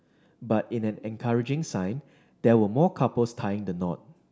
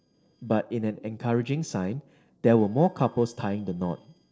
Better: first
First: none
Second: noise reduction (neural separator model SepFormer DNS4)

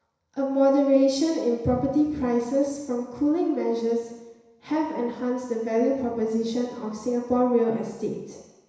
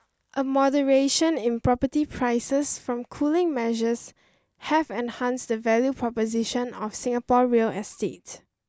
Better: second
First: room echo; dies away in 1 s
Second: none

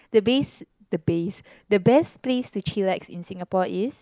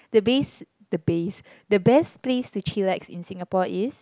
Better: second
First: noise reduction (neural mask model Resemble Enhance denoiser)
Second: none

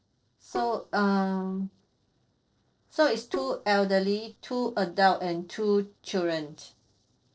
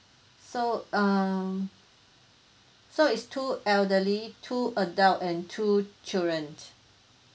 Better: second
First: noise reduction (neural separator model SepFormer DNS4)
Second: none

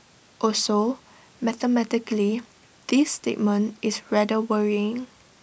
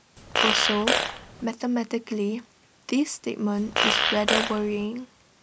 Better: first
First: none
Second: background sound (Fart); 3 dB above the speech

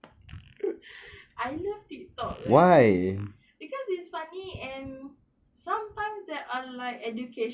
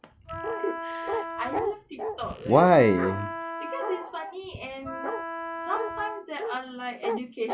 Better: first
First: none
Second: background sound (Bark + Wind instrument, woodwind instrument); 6 dB below the speech

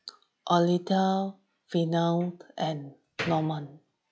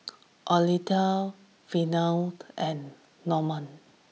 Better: second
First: noise reduction (classical method log-MMSE)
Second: none

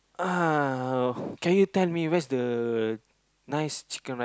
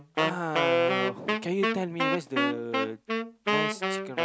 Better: first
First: none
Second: background sound (Wind instrument, woodwind instrument); 5 dB above the speech

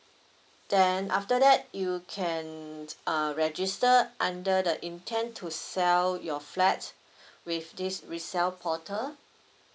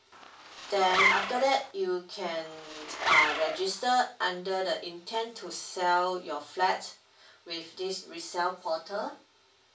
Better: first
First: none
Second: background sound (Zipper (clothing)); 1 dB above the speech // room echo; dies away in 0.3 s

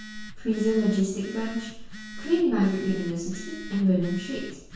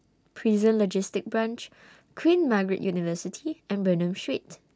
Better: second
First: background sound (Telephone); 12 dB below the speech // room echo; dies away in 0.6 s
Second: none

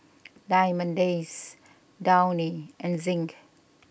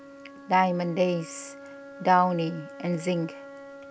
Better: first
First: none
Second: background sound (Wind instrument, woodwind instrument); 17 dB below the speech

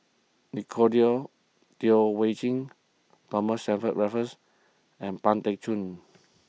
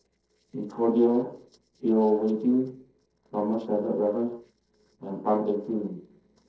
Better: first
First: none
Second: noise reduction (neural separator model SepFormer DNS4)

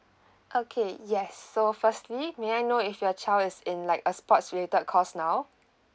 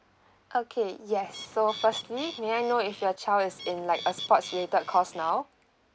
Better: first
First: none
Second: background sound (Bird); 14 dB below the speech

